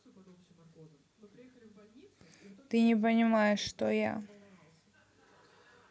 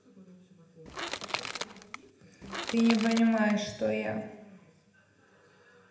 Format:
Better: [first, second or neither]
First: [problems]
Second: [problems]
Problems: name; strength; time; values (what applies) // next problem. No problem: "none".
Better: first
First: none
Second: background sound (Crushing / Wood); 6 dB below the speech // room echo; dies away in 0.8 s